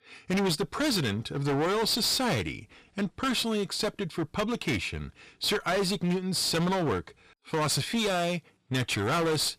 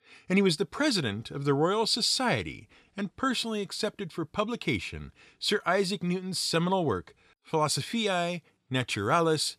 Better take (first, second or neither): second